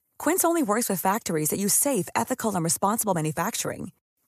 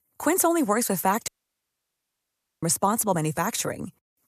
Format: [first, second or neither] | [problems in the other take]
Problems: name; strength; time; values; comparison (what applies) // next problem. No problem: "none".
first | audio cutting out; at 1.5 s for 1.5 s